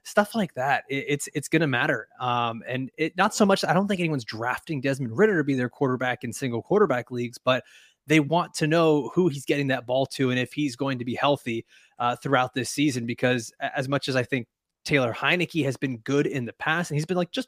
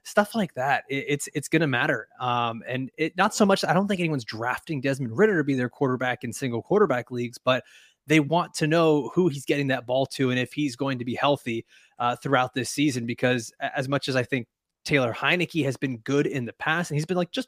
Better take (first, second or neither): neither